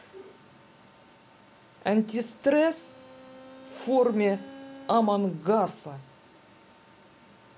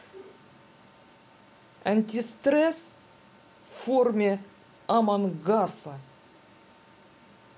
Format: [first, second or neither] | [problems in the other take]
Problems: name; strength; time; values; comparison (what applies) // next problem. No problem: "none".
second | background sound (Bowed string instrument); 19 dB below the speech